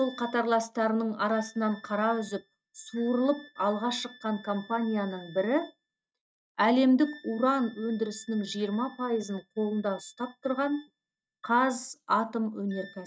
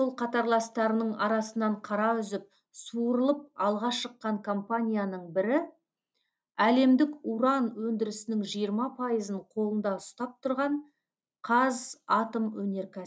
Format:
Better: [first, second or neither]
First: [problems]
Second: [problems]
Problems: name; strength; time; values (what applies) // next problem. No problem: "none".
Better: second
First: noise reduction (neural mask model RNNoise)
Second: none